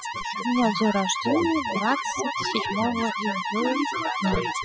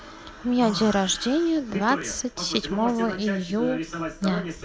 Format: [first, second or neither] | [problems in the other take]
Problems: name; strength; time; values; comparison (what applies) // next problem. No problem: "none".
second | noise reduction (classical method spectral subtraction)